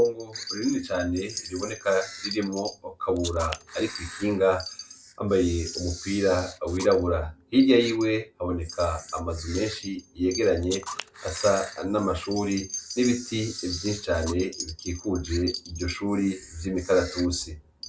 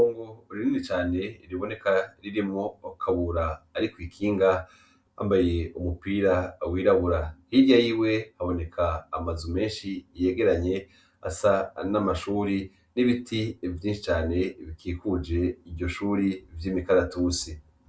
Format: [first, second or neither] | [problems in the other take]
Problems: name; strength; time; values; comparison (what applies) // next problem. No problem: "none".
second | background sound (Wind chime + Camera); 13 dB below the speech